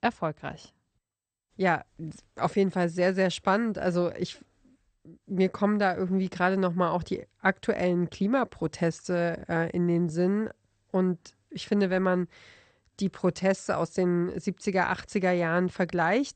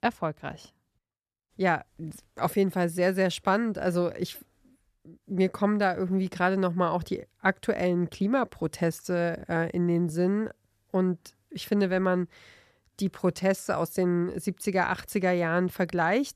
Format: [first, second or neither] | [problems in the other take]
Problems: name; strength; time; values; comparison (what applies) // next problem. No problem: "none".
second | garbled, watery; slightly; nothing above 8.5 kHz